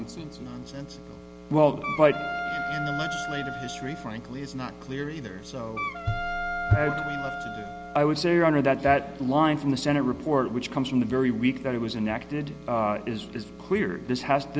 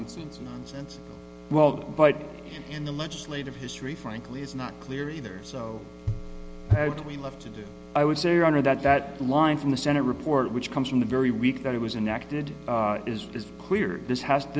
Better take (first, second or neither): second